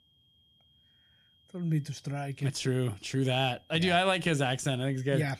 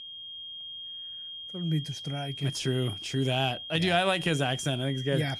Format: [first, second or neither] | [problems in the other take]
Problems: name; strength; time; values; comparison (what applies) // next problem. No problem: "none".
first | high-pitched whine; loud; throughout; 3 kHz, 9 dB below the speech; faint in the first